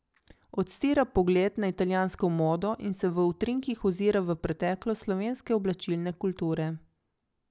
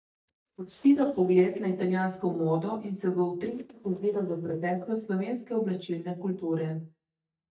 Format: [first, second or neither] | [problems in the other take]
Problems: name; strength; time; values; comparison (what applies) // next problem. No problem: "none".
first | noise reduction (neural mask model DeepFilterNet 3)